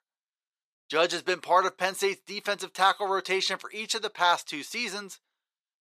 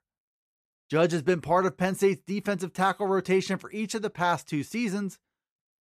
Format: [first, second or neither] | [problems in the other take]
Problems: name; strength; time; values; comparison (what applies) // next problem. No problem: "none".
second | thin; very; fading below 550 Hz